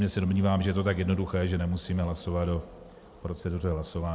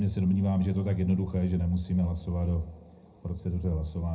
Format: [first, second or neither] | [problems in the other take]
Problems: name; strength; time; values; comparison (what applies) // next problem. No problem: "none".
first | room echo; dies away in 0.3 s